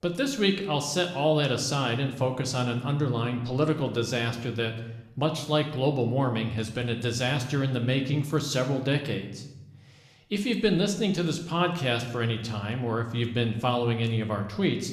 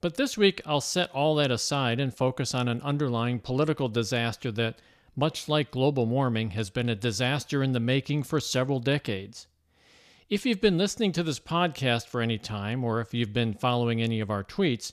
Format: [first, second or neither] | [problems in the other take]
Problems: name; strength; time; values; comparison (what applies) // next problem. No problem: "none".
second | room echo; slight; dies away in 0.7 s